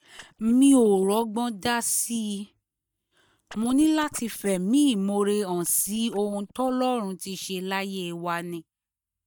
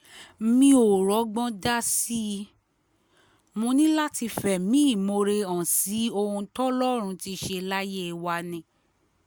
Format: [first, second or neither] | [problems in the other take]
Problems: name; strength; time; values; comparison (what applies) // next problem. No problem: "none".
second | noise reduction (neural mask model DeepFilterNet 3)